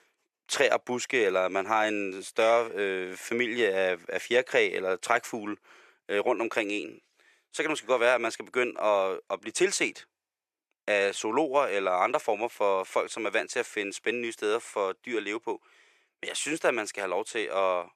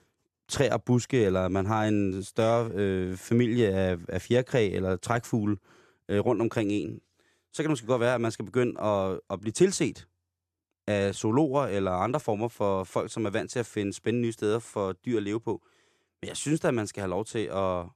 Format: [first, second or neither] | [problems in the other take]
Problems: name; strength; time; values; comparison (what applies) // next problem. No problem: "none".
second | thin; very; fading below 550 Hz